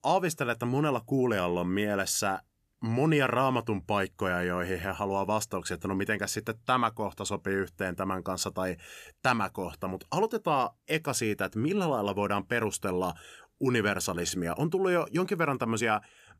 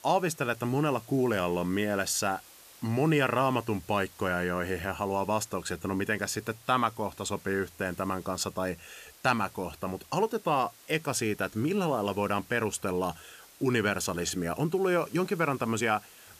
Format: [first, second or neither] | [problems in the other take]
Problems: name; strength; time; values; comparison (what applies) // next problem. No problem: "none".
first | hiss; faint; throughout; 20 dB below the speech